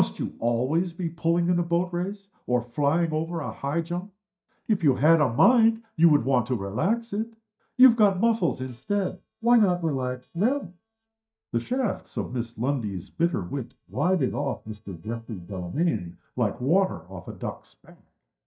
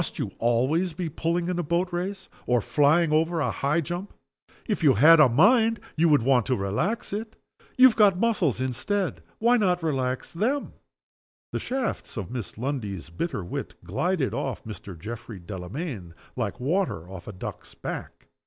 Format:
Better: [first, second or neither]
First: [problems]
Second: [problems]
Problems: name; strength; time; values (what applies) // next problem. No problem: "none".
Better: second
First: noise reduction (neural mask model DeepFilterNet 3)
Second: none